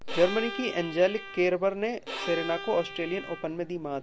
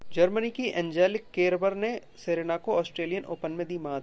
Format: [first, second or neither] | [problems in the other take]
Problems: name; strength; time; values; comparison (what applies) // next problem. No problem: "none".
second | background sound (Bowed string instrument); 10 dB below the speech